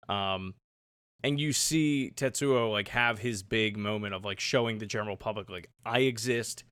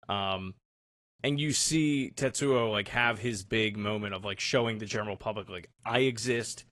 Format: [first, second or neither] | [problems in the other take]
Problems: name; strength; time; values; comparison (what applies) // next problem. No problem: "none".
first | garbled, watery; slightly